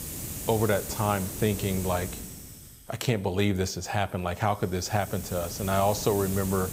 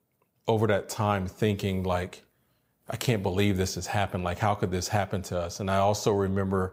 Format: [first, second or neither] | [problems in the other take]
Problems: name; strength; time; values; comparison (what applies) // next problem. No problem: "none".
second | hiss; loud; throughout; 8 dB below the speech